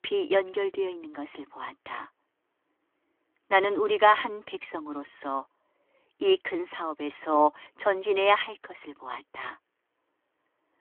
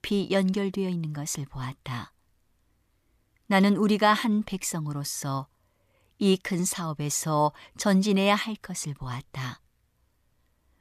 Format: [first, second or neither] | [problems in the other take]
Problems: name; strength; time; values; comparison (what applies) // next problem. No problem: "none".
second | phone-call audio; nothing above 3.5 kHz